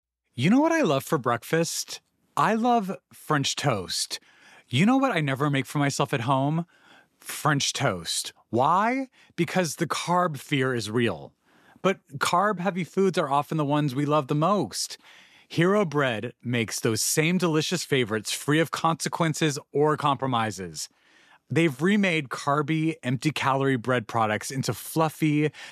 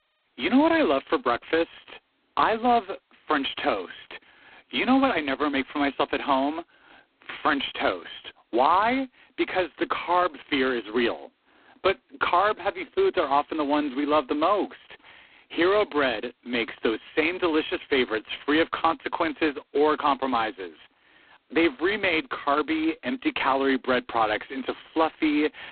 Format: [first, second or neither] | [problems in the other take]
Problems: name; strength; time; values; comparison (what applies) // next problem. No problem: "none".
first | phone-call audio; poor line; nothing above 4 kHz